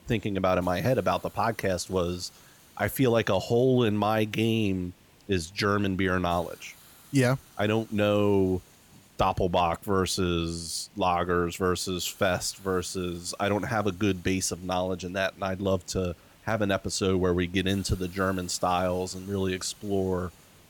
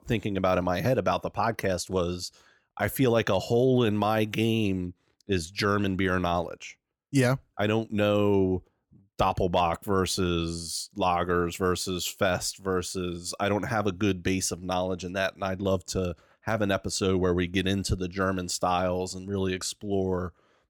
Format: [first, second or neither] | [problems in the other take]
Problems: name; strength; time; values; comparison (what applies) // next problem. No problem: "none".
second | hiss; faint; throughout; 25 dB below the speech